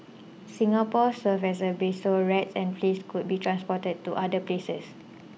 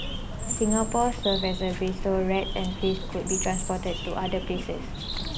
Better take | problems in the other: first | background sound (Bird); 3 dB below the speech

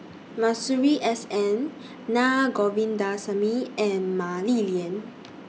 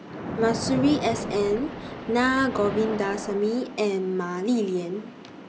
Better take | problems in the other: first | background sound (Splash, splatter); 9 dB below the speech

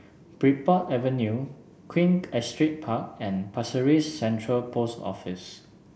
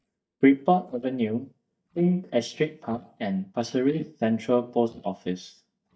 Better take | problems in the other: first | noise reduction (neural mask model DeepFilterNet 3)

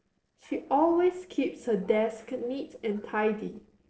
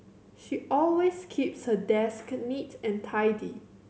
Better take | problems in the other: second | noise reduction (neural separator model SepFormer DNS4)

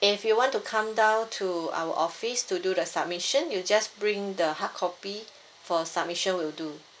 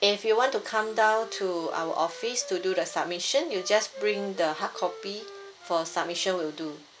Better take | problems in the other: first | background sound (Wind instrument, woodwind instrument); 17 dB below the speech

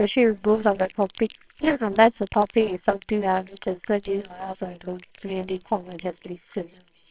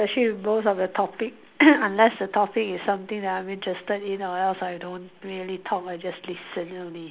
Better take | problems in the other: second | noise reduction (neural separator model SepFormer WHAMR!)

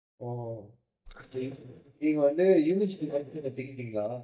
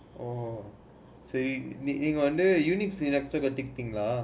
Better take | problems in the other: second | noise reduction (neural mask model DeepFilterNet 3)

